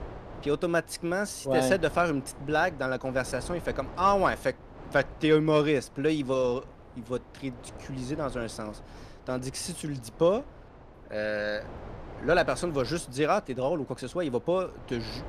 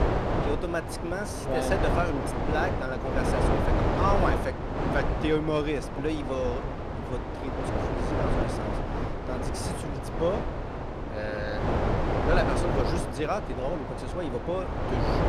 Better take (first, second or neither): first